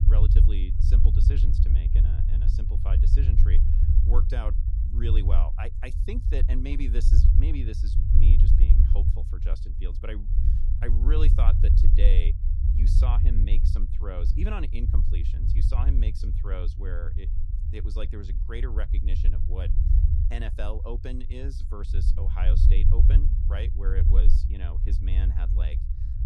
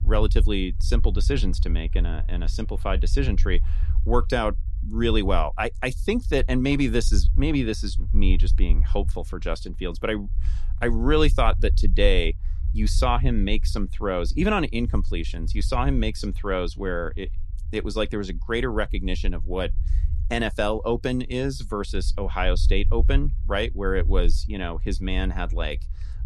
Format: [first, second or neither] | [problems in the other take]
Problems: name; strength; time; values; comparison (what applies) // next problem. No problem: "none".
second | low rumble; loud; throughout; 2 dB below the speech; faint in the second